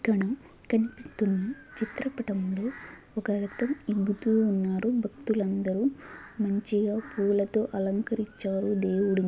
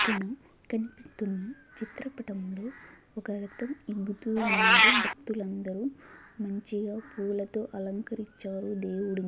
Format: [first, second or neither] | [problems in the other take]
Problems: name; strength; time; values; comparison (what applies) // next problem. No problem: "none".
first | background sound (Meow); 1 dB above the speech